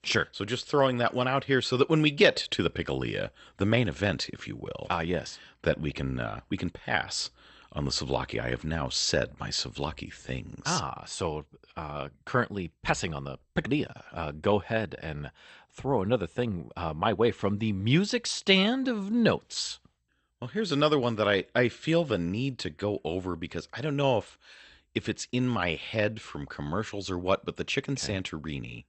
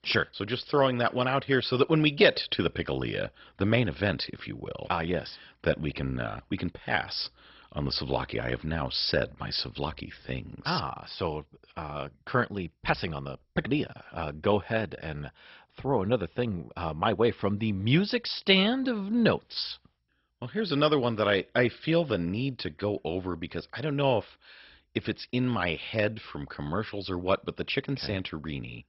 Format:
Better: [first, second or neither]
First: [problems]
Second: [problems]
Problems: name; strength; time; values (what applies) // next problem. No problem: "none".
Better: first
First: garbled, watery; slightly; nothing above 8 kHz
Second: garbled, watery; badly; nothing above 5.5 kHz